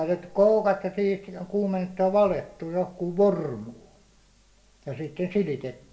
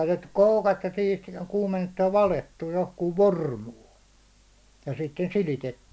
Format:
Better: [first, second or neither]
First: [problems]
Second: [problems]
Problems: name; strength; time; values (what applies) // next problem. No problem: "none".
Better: second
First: room echo; dies away in 0.5 s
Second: none